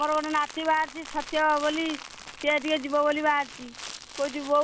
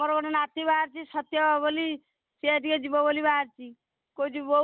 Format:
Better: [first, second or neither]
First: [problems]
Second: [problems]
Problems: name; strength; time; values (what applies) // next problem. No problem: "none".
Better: second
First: background sound (Crumpling, crinkling); 15 dB below the speech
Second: none